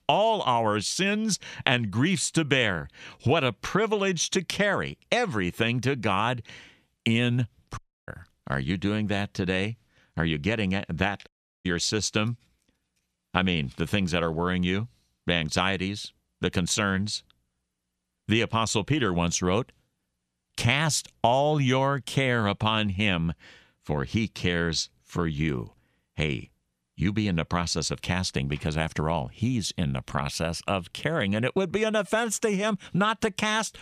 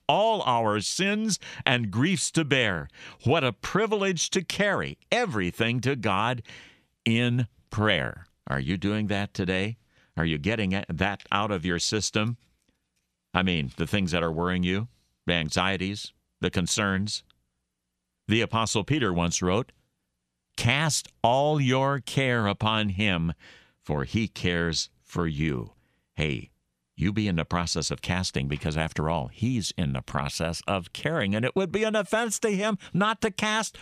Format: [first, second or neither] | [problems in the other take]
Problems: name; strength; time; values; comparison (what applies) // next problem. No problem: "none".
second | audio cutting out; at 8 s and at 11 s